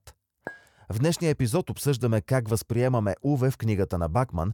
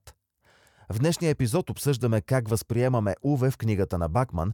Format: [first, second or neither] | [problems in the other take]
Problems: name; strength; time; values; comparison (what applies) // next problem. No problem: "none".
second | clattering dishes; faint; at 0.5 s; peak 15 dB below the speech